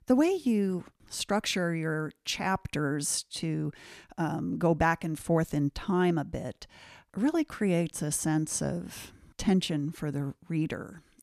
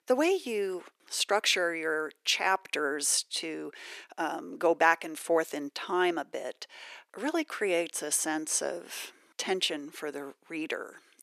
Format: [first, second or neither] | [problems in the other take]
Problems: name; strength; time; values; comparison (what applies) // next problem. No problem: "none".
first | thin; very; fading below 400 Hz